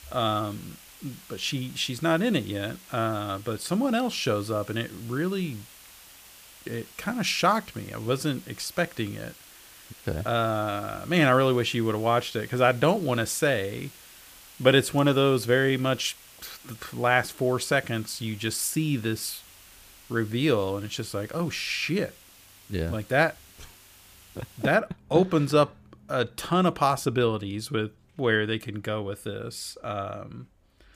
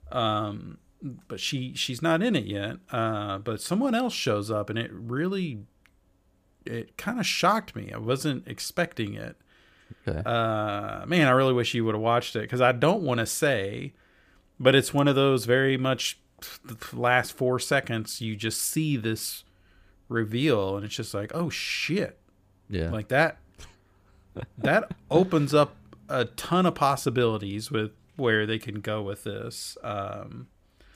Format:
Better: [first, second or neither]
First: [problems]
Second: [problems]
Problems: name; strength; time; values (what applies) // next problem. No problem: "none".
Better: second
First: hiss; faint; until 25 s; 20 dB below the speech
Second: none